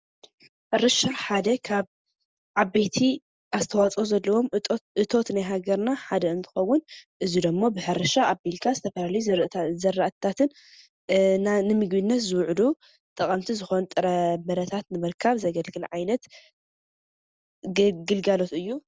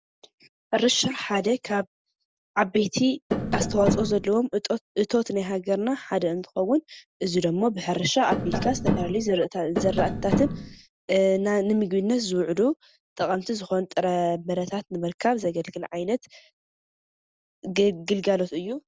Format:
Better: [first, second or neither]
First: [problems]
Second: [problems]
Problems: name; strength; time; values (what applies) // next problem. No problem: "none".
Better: first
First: none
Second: background sound (Tap); 1 dB below the speech